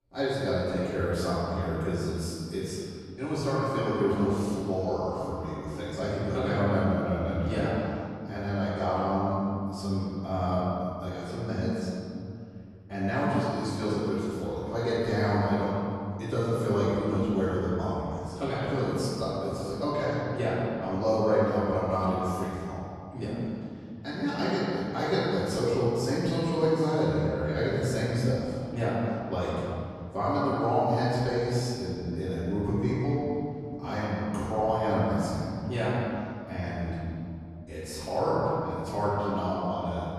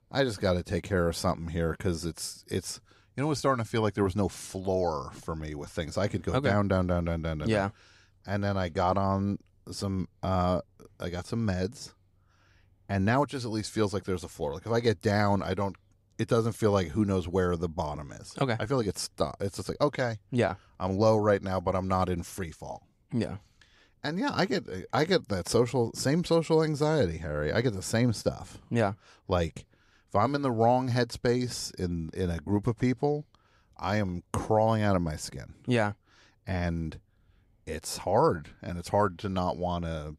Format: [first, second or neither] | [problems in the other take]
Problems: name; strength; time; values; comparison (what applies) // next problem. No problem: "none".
second | room echo; strong; dies away in 2.5 s // off-mic speech; far